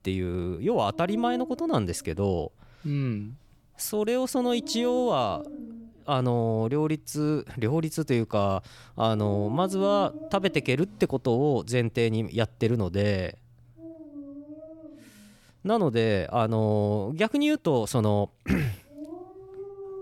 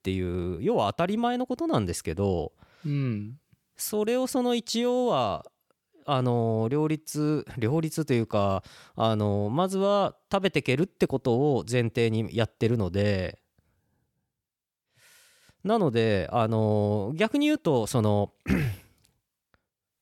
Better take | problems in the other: second | animal sounds; noticeable; throughout; 15 dB below the speech

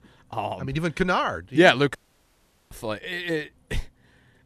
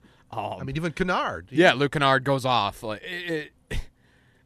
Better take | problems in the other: second | audio cutting out; at 2 s for 1 s

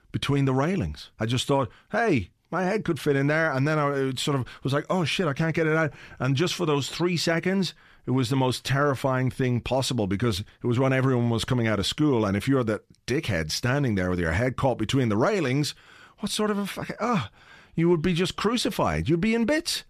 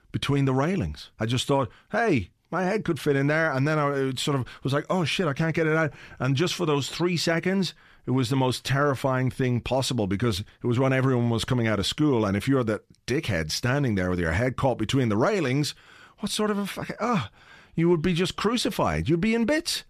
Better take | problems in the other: neither | none

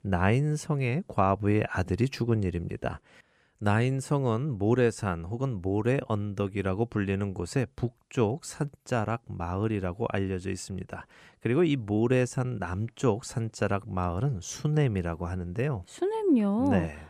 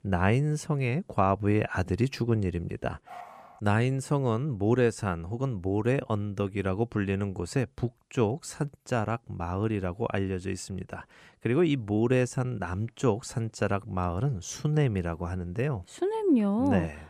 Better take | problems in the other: first | dog barking; faint; at 3 s; peak 15 dB below the speech

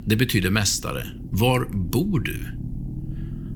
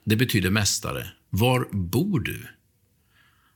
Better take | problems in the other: second | low rumble; noticeable; throughout; 20 dB below the speech

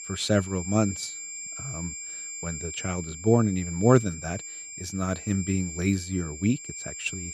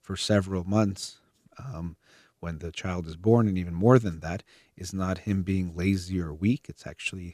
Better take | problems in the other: second | high-pitched whine; loud; throughout; 7.5 kHz, 9 dB below the speech

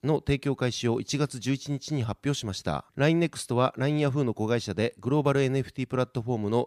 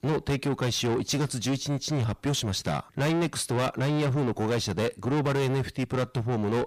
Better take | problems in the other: first | distortion; heavy; 6 dB below the speech

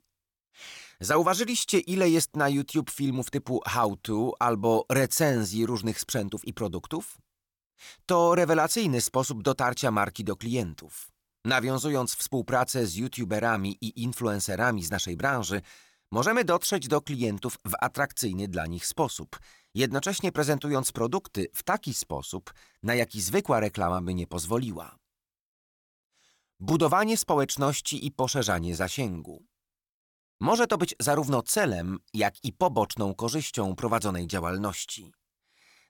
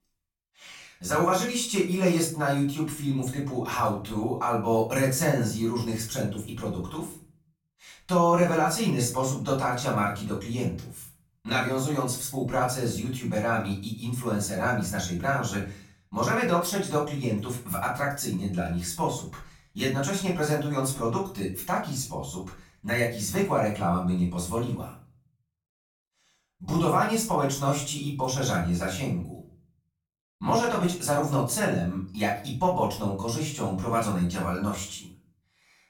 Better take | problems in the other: first | off-mic speech; far // room echo; slight; dies away in 0.4 s

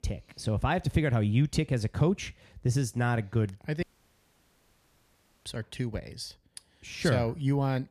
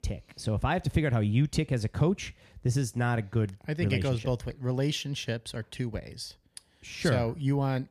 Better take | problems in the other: second | audio cutting out; at 4 s for 1.5 s

